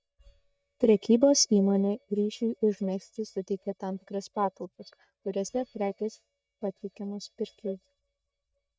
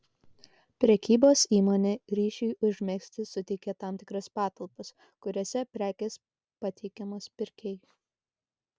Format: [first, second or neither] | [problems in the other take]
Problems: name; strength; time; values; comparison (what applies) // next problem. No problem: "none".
second | noise reduction (neural mask model DeepFilterNet 3)